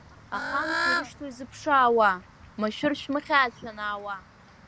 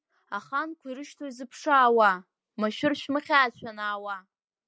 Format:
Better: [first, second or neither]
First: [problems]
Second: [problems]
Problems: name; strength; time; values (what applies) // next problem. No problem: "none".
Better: second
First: background sound (Bird / Fowl); 8 dB below the speech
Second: none